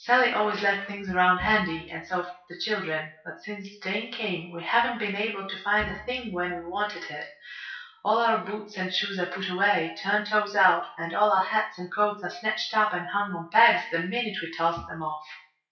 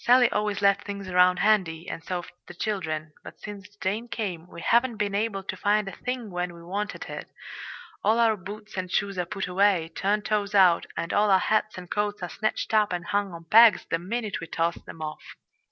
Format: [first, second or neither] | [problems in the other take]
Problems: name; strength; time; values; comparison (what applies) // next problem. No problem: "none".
second | noise reduction (classical method WPE with log-MMSE)